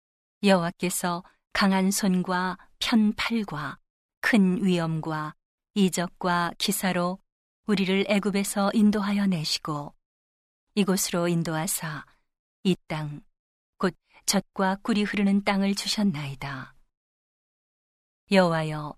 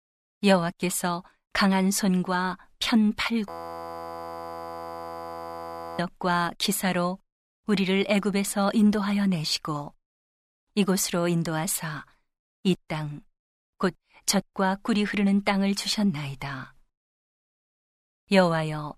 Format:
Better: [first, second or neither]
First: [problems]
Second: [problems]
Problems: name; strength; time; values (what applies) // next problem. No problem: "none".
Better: first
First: none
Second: audio freezing; at 3.5 s for 2.5 s